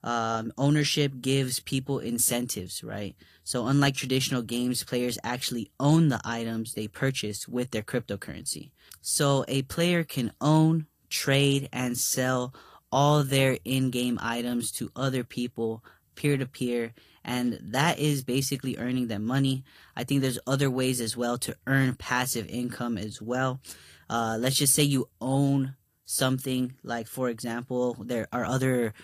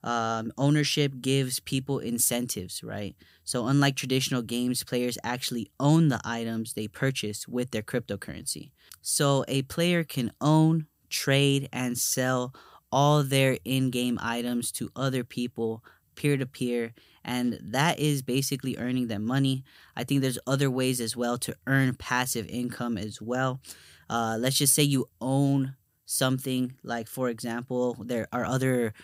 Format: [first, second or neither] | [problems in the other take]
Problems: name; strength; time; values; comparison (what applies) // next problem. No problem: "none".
second | garbled, watery; slightly; nothing above 15.5 kHz